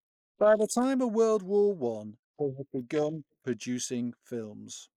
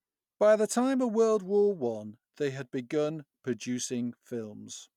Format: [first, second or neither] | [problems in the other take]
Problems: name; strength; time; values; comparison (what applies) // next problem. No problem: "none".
second | noise reduction (neural mask model Resemble Enhance denoiser)